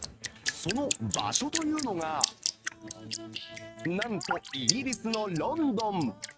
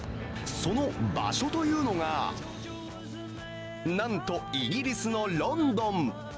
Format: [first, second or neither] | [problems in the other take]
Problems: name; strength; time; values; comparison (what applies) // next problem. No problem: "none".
second | noise reduction (neural mask model RNNoise)